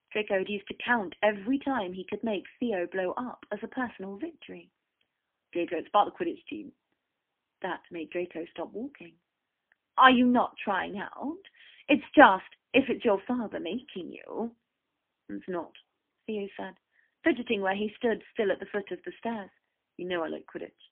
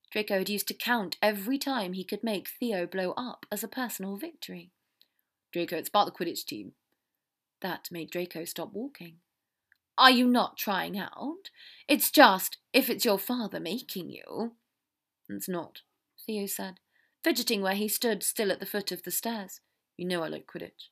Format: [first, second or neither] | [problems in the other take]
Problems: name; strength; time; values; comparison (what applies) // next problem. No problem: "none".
second | phone-call audio; poor line; nothing above 3.5 kHz